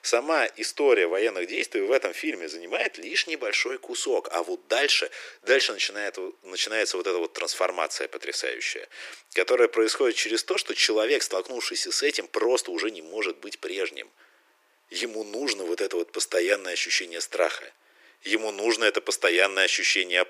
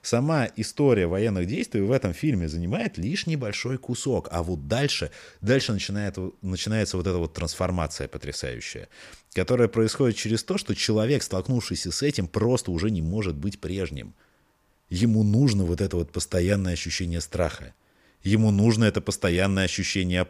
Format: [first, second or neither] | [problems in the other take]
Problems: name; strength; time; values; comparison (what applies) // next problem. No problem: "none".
second | thin; very; fading below 350 Hz